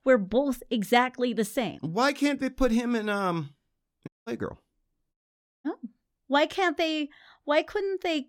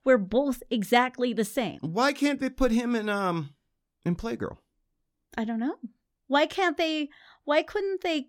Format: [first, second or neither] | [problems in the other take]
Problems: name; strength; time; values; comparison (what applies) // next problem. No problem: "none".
second | audio cutting out; at 4 s and at 5 s for 0.5 s